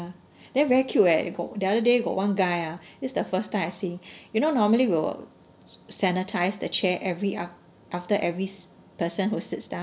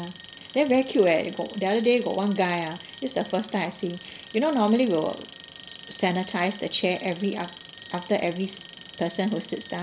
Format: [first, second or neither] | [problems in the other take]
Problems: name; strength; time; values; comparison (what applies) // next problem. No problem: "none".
first | background sound (Alarm); 18 dB below the speech